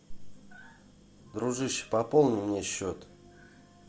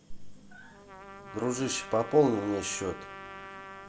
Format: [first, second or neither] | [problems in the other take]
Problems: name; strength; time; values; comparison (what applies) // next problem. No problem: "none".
first | background sound (Trumpet); 14 dB below the speech